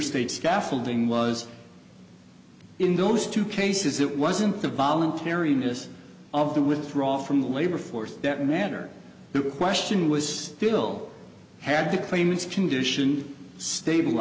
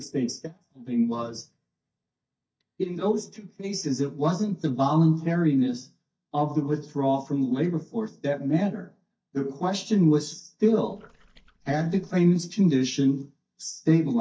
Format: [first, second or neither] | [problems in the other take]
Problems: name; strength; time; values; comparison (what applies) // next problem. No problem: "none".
first | noise reduction (neural mask model DeepFilterNet 3)